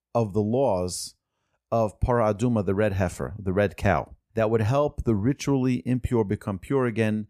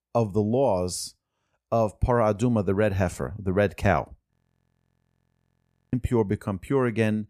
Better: first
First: none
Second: audio freezing; at 4.5 s for 1.5 s

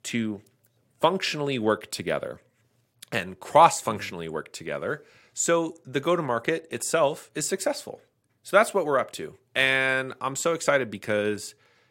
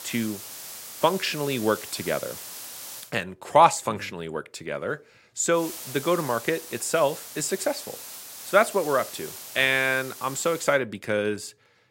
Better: first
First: none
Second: hiss; noticeable; until 3 s and from 5.5 to 11 s; 10 dB below the speech

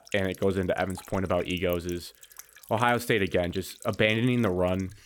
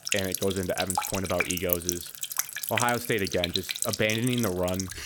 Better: first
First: household noises; faint; throughout; 20 dB below the speech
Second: household noises; loud; throughout; 1 dB below the speech

